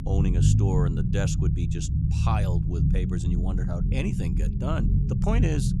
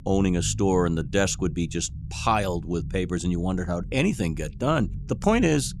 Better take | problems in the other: second | low rumble; loud; throughout; 2 dB below the speech; faint in the second

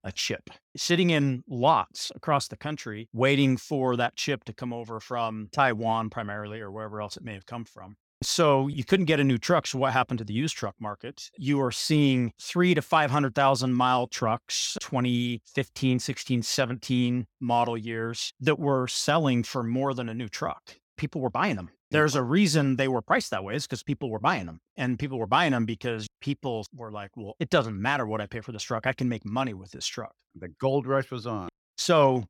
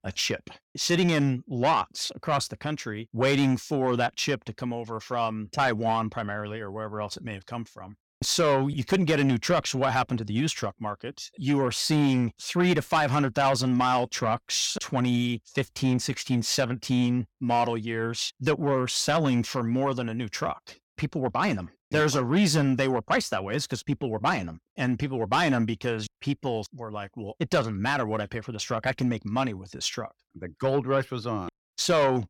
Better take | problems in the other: first | distortion; slight; 10 dB below the speech

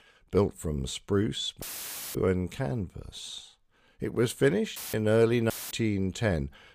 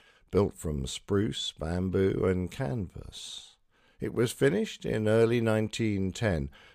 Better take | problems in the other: second | audio cutting out; filled with static; at 1.5 s for 0.5 s, at 5 s and at 5.5 s

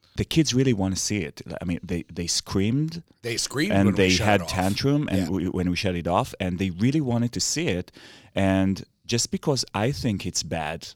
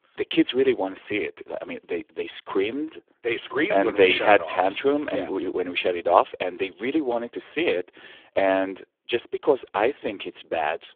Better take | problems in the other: first | phone-call audio; poor line; nothing above 3.5 kHz

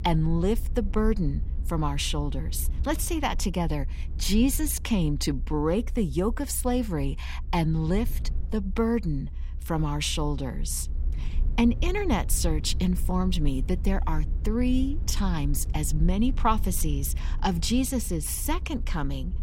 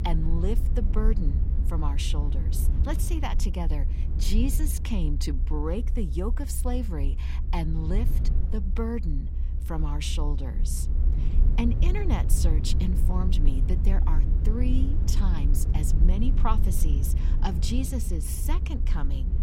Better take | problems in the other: first | low rumble; loud; throughout; 8 dB below the speech; faint in the first

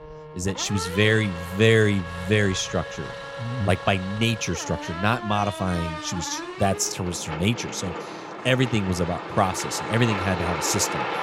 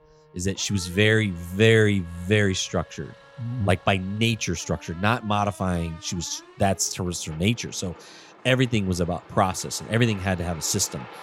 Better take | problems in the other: second | traffic noise; loud; throughout; 8 dB below the speech; faint in the second

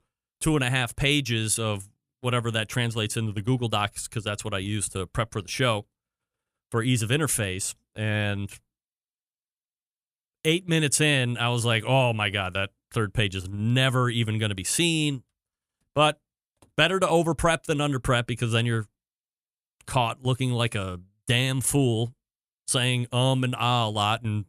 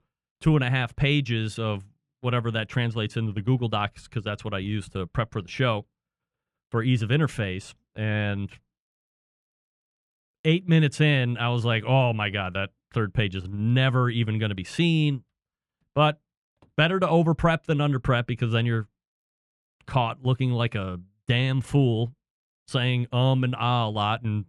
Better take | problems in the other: first | muffled; slightly; fading above 3 kHz

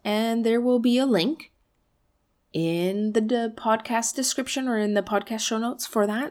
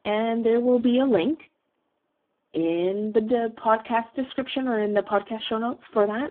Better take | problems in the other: first | phone-call audio; poor line; nothing above 3.5 kHz

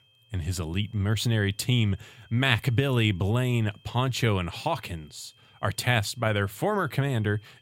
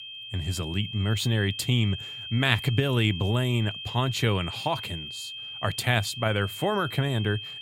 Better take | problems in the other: first | high-pitched whine; loud; throughout; 3 kHz, 9 dB below the speech; faint in the first

